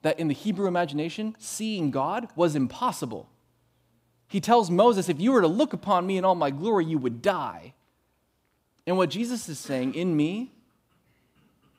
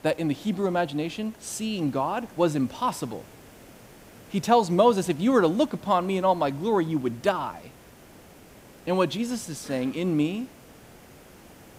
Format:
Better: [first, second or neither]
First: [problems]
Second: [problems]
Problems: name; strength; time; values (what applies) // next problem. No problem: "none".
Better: first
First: none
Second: hiss; faint; throughout; 25 dB below the speech